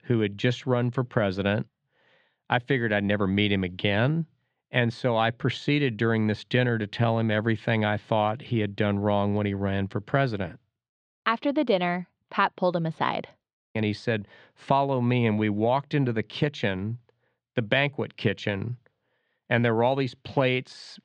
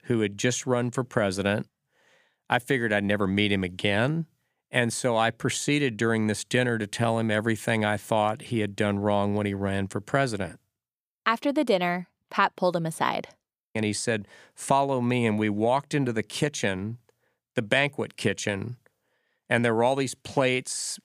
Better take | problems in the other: second | muffled; slightly; fading above 4 kHz

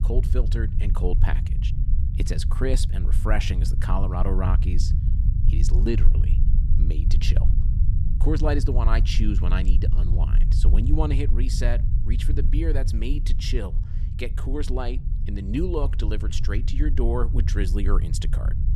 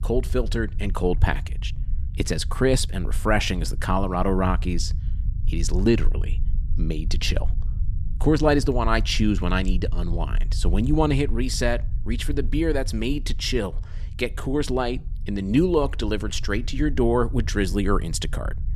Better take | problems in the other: second | low rumble; loud; throughout; 9 dB below the speech; faint in the second

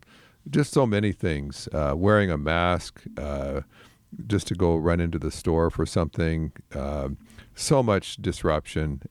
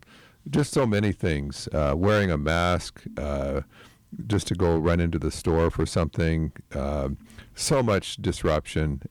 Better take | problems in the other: first | distortion; slight; 6% of the sound clipped

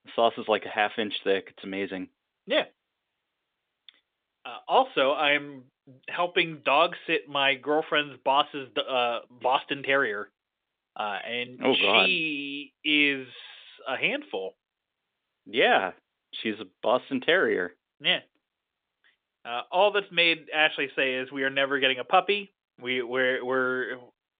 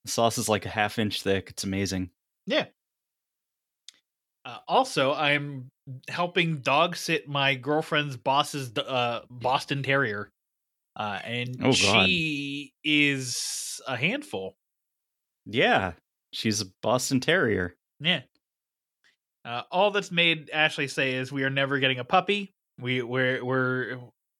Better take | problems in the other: second | phone-call audio; nothing above 3.5 kHz

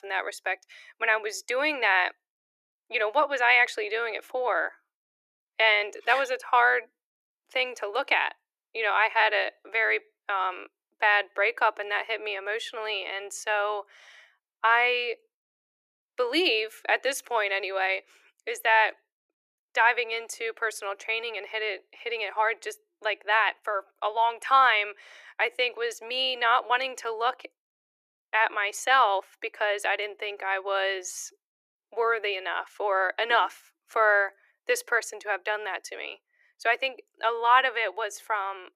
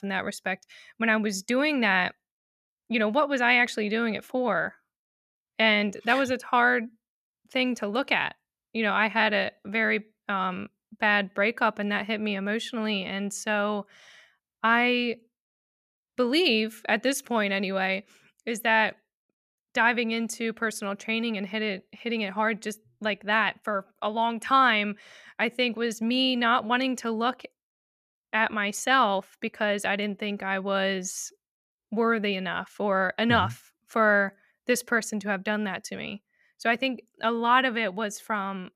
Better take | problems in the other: second | thin; very; fading below 300 Hz

